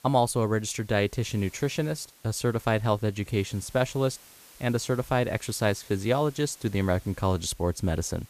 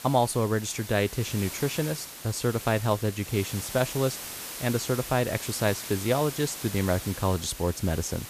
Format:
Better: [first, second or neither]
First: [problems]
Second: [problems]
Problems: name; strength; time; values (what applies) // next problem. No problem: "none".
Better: first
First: hiss; faint; throughout; 25 dB below the speech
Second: hiss; loud; throughout; 9 dB below the speech